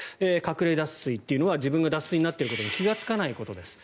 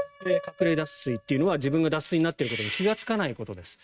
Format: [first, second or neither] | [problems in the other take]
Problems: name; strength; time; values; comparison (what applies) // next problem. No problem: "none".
first | noise reduction (neural mask model RNNoise)